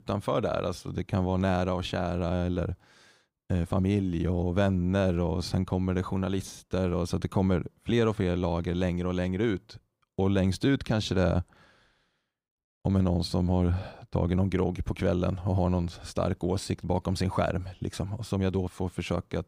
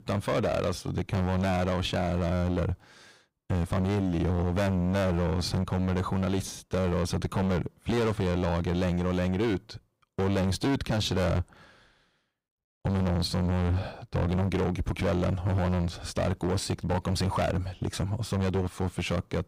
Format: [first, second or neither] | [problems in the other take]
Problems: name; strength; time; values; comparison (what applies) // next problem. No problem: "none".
first | distortion; heavy; 21% of the sound clipped